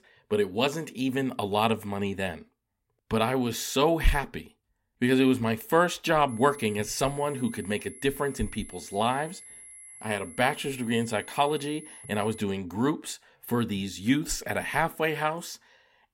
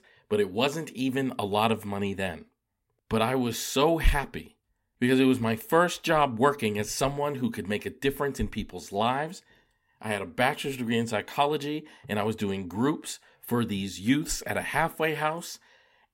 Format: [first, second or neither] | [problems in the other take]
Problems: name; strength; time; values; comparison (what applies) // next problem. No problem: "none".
second | high-pitched whine; noticeable; from 6.5 to 12 s; 11 kHz, 15 dB below the speech